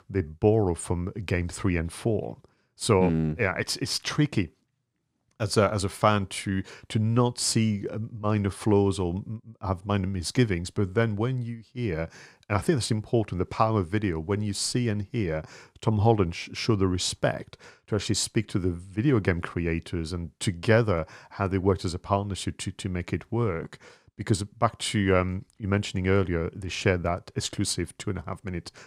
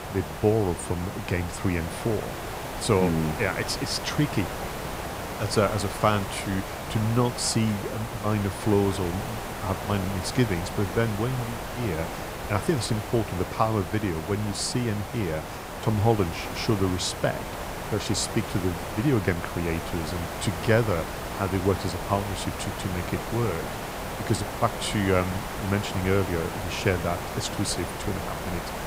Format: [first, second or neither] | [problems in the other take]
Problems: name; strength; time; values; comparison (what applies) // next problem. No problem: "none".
first | hiss; loud; throughout; 6 dB below the speech